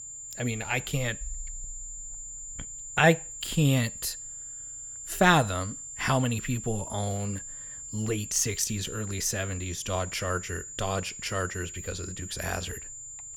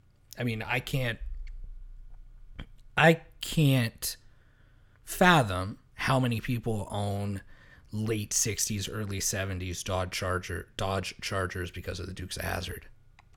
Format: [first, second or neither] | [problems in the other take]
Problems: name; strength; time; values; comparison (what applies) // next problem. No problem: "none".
second | high-pitched whine; loud; throughout; 7 kHz, 9 dB below the speech